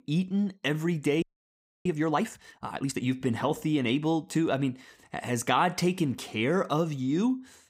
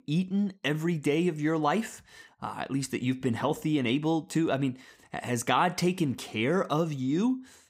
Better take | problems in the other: second | audio freezing; at 1 s for 0.5 s

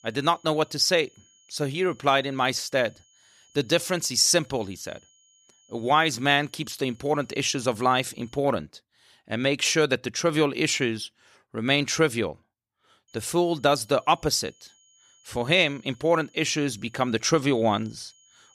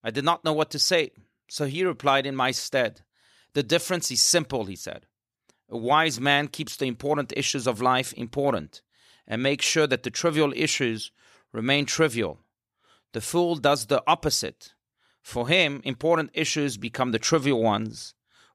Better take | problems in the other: second | high-pitched whine; faint; until 8.5 s and from 13 s on; 6.5 kHz, 35 dB below the speech

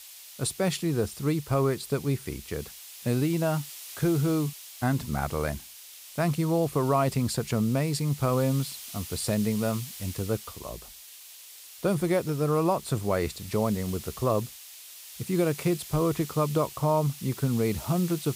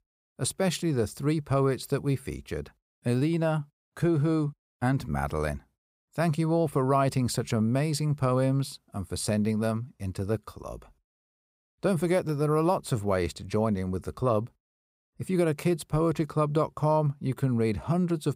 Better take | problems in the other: second | hiss; noticeable; throughout; 15 dB below the speech

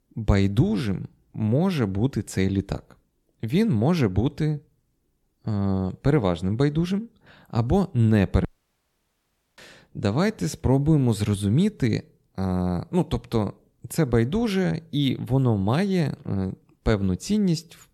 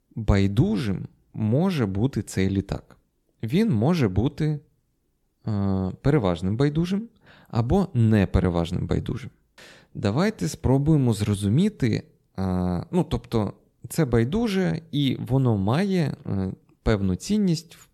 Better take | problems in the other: second | audio cutting out; at 8.5 s for 1 s

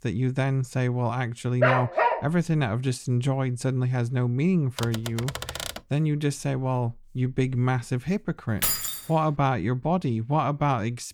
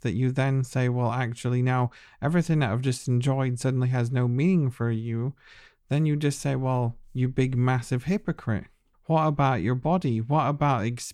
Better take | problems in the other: second | dog barking; loud; at 1.5 s; peak 3 dB above the speech // keyboard typing; noticeable; from 5 to 6 s; peak 6 dB below the speech // jangling keys; loud; at 8.5 s; peak 3 dB above the speech

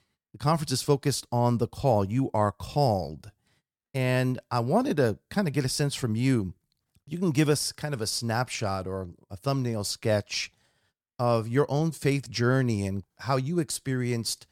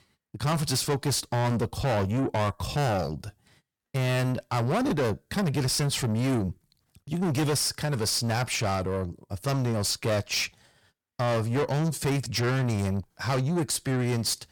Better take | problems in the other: first | distortion; heavy; 6 dB below the speech

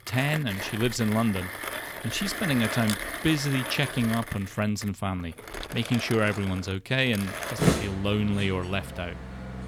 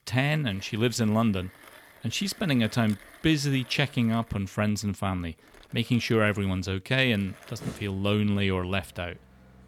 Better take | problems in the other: second | machinery noise; loud; throughout; 6 dB below the speech; faint in the second

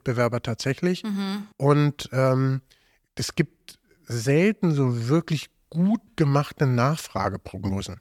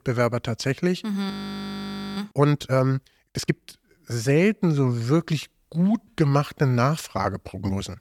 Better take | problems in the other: first | audio freezing; at 1.5 s for 1 s

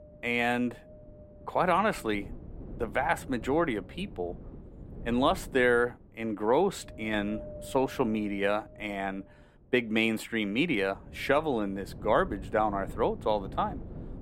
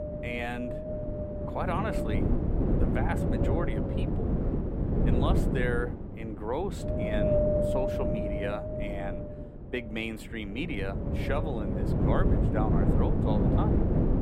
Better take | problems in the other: first | wind noise on the microphone; heavy; 2 dB above the speech; occasional gusts in the first

